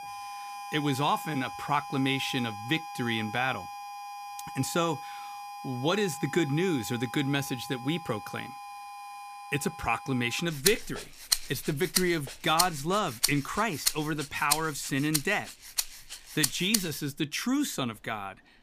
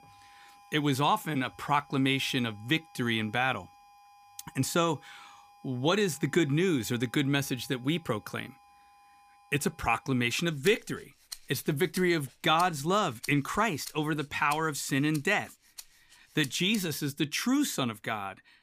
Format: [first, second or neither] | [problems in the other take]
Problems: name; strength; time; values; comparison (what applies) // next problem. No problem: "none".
second | background music; loud; throughout; 5 dB below the speech; faint in the second